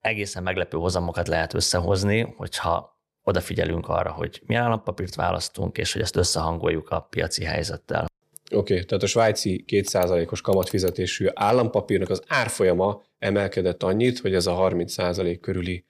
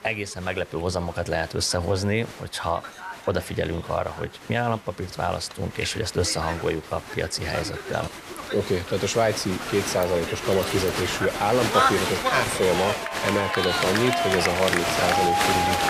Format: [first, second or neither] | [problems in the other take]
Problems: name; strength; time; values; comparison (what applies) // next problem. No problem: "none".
first | crowd noise; very loud; throughout; as loud as the speech